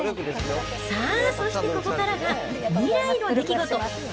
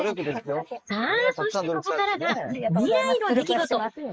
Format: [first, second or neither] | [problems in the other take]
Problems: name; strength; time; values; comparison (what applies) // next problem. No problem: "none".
first | noise reduction (neural mask model Resemble Enhance denoiser)